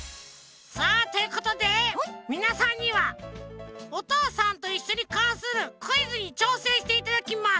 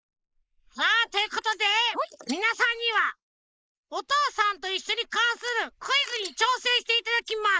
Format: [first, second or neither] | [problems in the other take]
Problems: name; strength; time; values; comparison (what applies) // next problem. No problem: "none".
first | noise reduction (neural mask model Resemble Enhance denoiser)